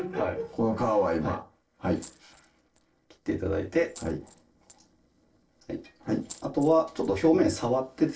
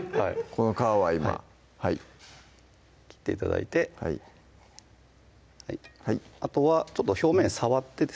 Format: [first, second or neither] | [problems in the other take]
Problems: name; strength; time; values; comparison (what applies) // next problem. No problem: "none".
second | noise reduction (neural separator model SepFormer DNS4)